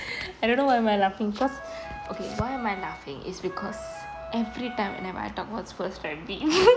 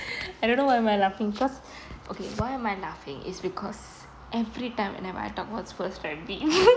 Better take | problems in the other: second | background sound (Wind instrument, woodwind instrument); 13 dB below the speech

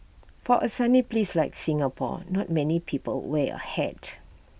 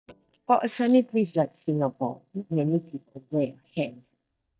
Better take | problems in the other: first | noise reduction (neural mask model DeepFilterNet 3)

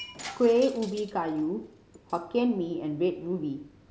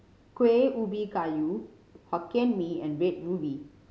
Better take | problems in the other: second | background sound (Shatter); 19 dB below the speech

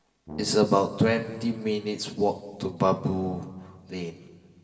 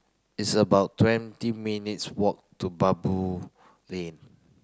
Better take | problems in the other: second | background sound (Brass instrument); 17 dB below the speech // room echo; dies away in 2.1 s

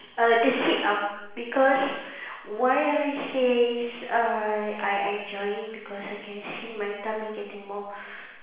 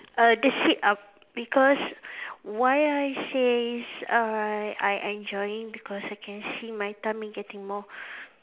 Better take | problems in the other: second | room echo; dies away in 0.9 s

